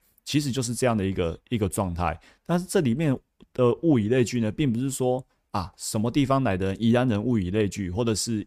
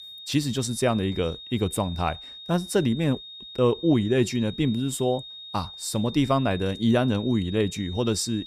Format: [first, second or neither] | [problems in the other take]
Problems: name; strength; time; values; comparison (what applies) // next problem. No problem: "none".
first | high-pitched whine; noticeable; throughout; 3.5 kHz, 15 dB below the speech